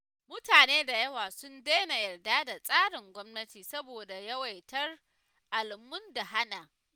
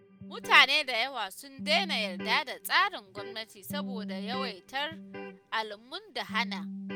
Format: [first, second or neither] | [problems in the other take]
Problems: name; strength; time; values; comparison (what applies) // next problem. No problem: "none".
first | background sound (Electric guitar); 10 dB below the speech